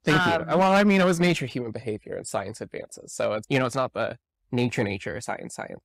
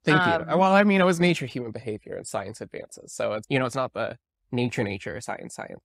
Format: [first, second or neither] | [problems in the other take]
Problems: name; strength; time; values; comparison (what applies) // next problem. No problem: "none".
second | distortion; slight; 4% of the sound clipped